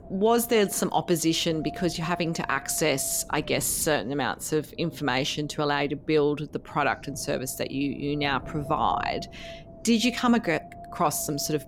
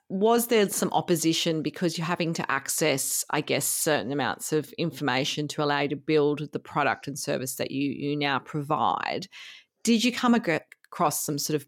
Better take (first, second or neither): second